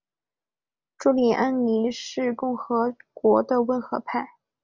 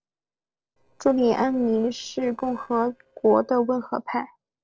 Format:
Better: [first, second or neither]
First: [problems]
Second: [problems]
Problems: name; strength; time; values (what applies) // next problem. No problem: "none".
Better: first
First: none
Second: noise reduction (neural separator model SepFormer DNS4)